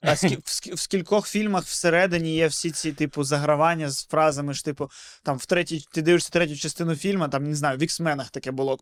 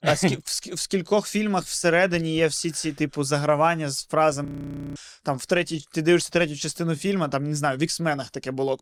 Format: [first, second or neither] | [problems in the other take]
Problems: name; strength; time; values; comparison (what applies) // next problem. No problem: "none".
first | audio freezing; at 4.5 s for 0.5 s